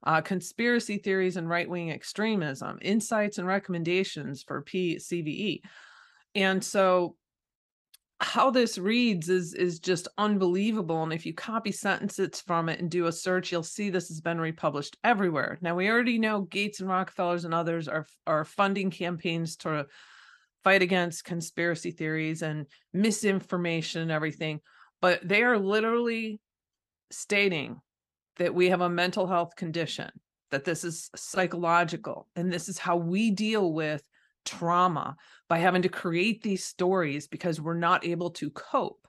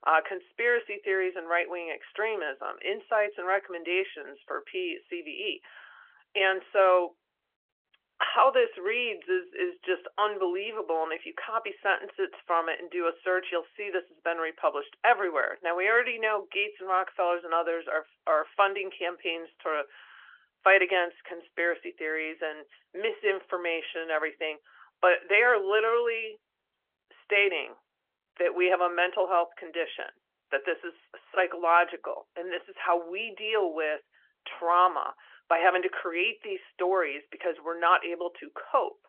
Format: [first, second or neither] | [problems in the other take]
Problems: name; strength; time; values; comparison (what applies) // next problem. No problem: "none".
first | phone-call audio; nothing above 3 kHz